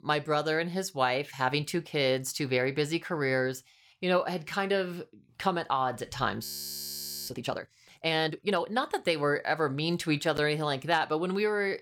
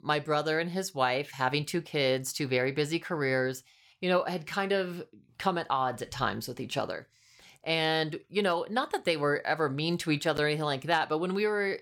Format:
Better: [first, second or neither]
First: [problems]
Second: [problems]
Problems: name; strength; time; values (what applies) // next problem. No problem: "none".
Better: second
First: audio freezing; at 6.5 s for 1 s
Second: none